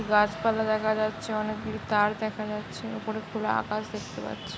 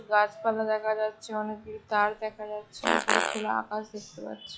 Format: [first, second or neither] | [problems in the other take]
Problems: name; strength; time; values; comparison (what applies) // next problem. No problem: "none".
first | noise reduction (classical method log-MMSE)